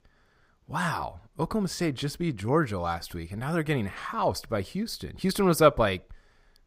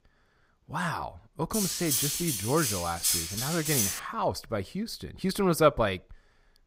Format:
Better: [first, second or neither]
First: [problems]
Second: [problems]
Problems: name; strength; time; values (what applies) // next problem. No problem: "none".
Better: first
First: none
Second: clattering dishes; loud; from 1.5 to 4 s; peak 4 dB above the speech